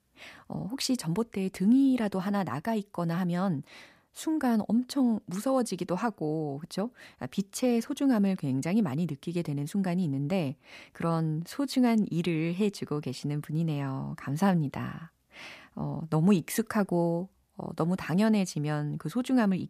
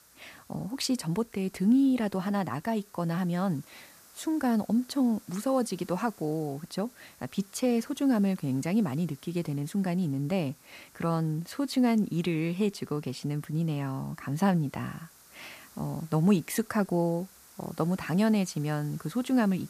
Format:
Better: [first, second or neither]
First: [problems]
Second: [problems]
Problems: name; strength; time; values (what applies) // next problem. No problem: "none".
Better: first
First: none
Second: hiss; faint; throughout; 25 dB below the speech